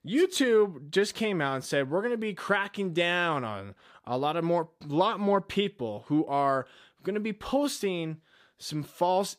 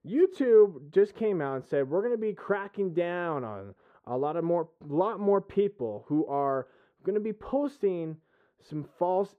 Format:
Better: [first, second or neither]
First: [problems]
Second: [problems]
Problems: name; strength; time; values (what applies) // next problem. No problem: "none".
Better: first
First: none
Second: muffled; very; fading above 2.5 kHz